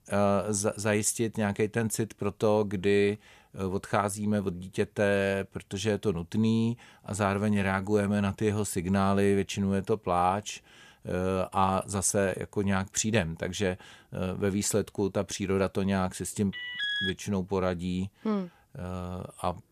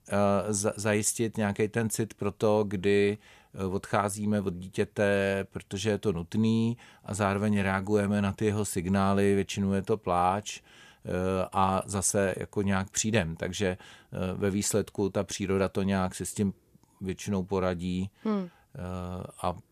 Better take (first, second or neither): second